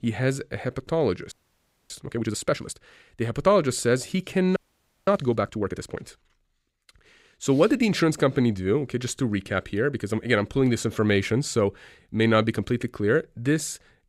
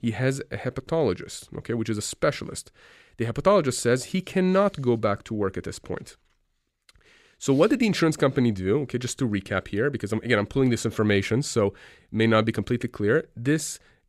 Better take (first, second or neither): second